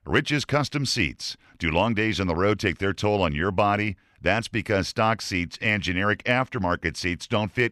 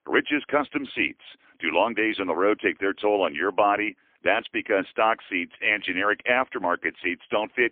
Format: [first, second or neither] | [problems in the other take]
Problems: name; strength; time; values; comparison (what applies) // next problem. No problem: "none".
first | phone-call audio; poor line